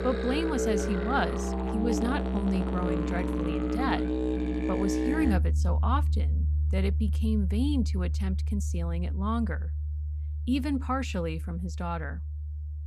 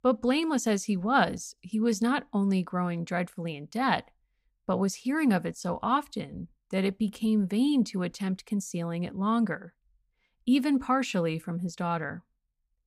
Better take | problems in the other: second | background music; very loud; throughout; 2 dB above the speech

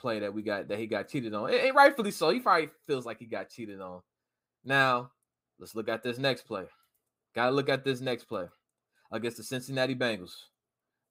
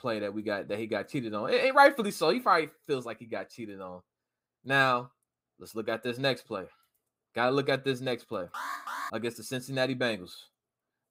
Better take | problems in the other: first | alarm; noticeable; at 8.5 s; peak 7 dB below the speech

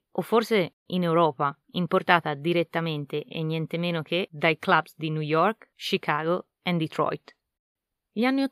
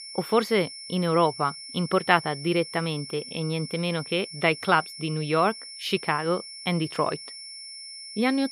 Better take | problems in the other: first | high-pitched whine; noticeable; throughout; 5.5 kHz, 10 dB below the speech

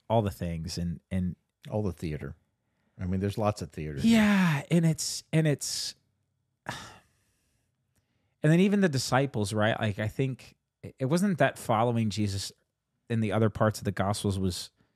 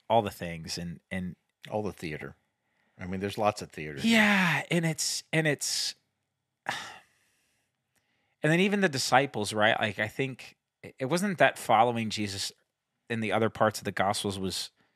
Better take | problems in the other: first | thin; somewhat; fading below 300 Hz

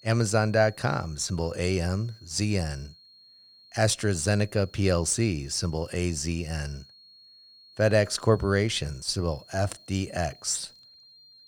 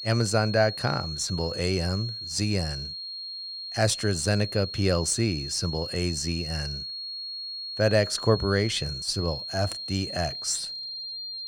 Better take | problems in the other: first | high-pitched whine; loud; throughout; 4.5 kHz, 6 dB below the speech; faint in the first

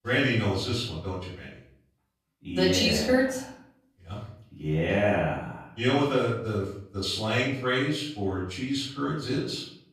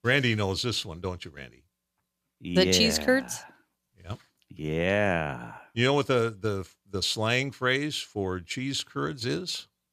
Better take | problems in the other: second | off-mic speech; far // room echo; noticeable; dies away in 0.6 s

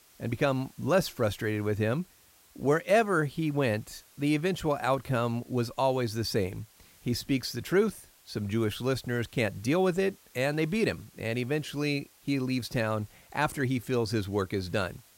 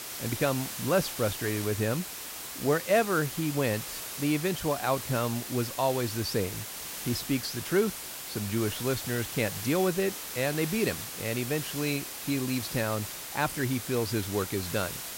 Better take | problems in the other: first | hiss; loud; throughout; 6 dB below the speech; faint in the first

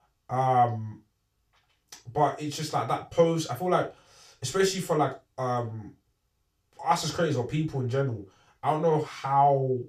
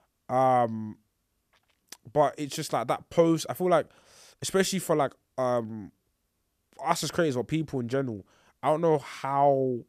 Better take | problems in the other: second | room echo; slight; dies away in 0.3 s // off-mic speech; far

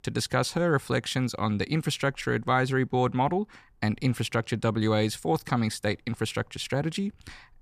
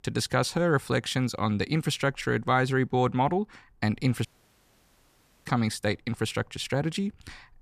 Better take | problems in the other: first | audio cutting out; at 4.5 s for 1 s

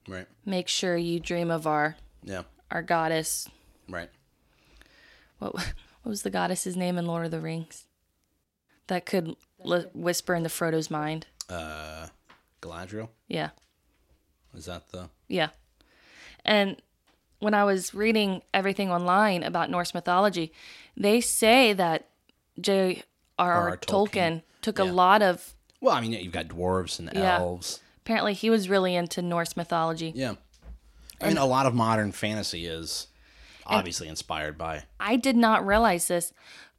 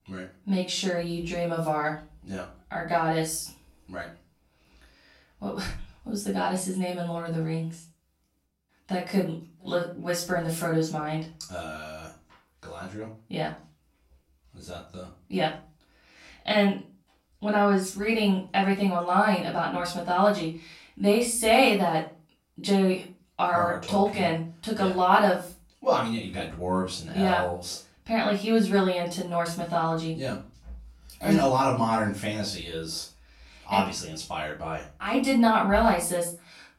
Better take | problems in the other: first | off-mic speech; far // room echo; slight; dies away in 0.3 s

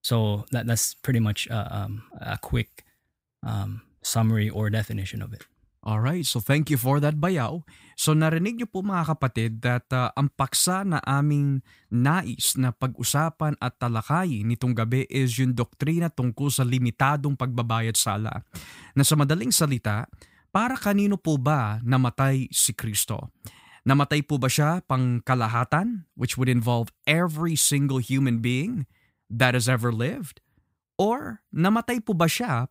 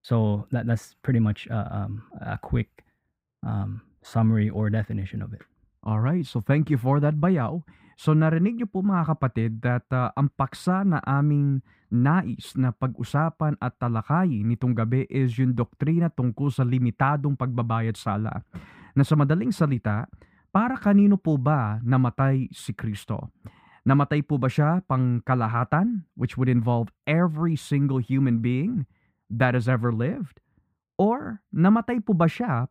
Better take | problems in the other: first | muffled; very; fading above 3.5 kHz

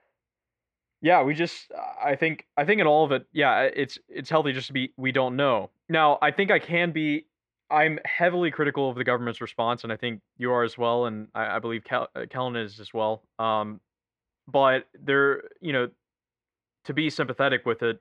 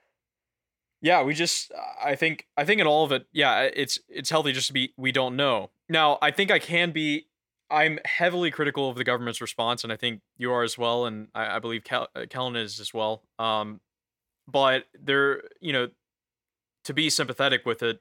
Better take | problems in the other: second | muffled; very; fading above 2 kHz

